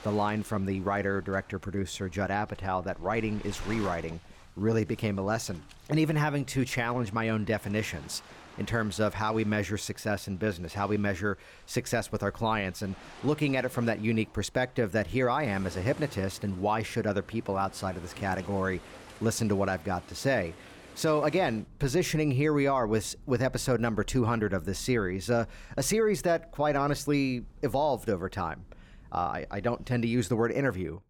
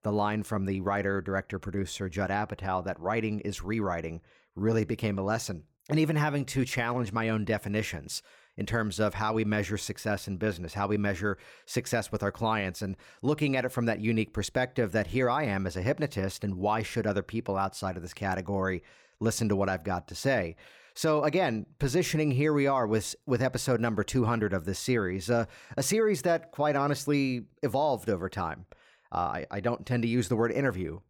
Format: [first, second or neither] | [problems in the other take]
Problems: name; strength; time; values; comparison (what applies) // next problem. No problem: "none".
second | rain or running water; faint; throughout; 20 dB below the speech